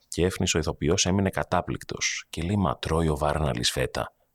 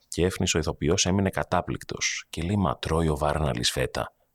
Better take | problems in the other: neither | none

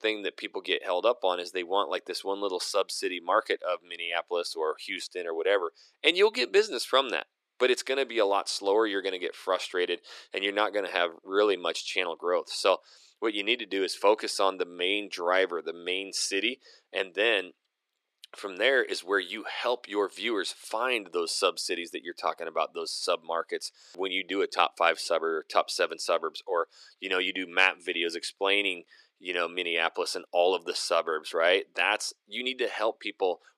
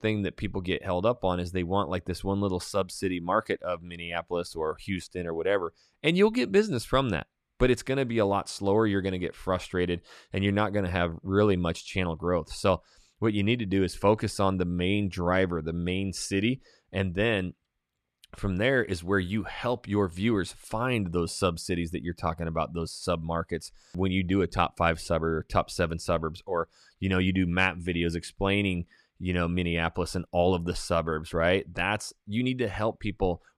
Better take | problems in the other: second | thin; very; fading below 350 Hz

